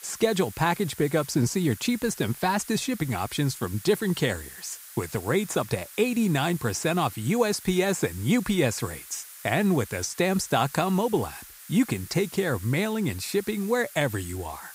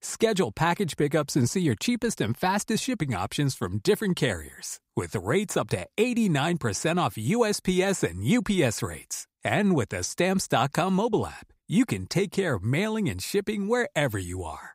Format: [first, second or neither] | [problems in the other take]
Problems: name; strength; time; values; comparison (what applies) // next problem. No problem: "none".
second | hiss; noticeable; throughout; 15 dB below the speech